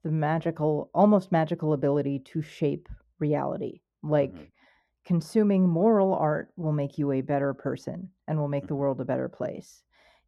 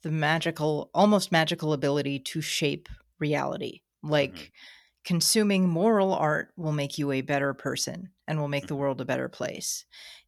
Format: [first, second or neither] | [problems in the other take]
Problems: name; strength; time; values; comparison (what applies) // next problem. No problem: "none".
second | muffled; very; fading above 2 kHz